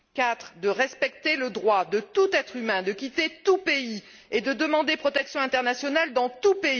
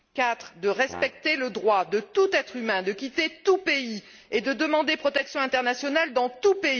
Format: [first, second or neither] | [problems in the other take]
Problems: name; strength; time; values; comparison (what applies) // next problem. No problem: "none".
first | background sound (Brass instrument); 19 dB below the speech